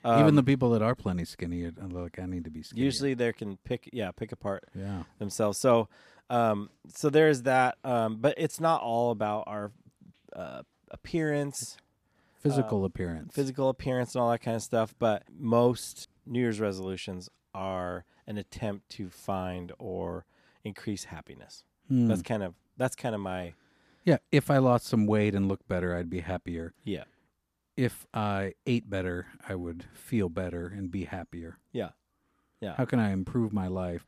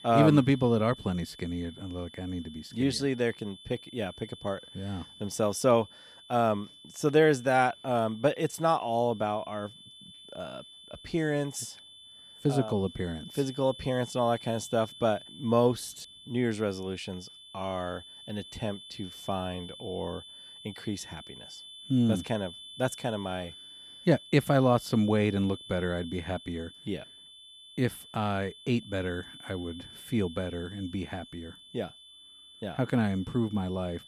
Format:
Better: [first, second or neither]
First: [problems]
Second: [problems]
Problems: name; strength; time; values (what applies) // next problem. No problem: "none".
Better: first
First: none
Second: high-pitched whine; noticeable; throughout; 3.5 kHz, 15 dB below the speech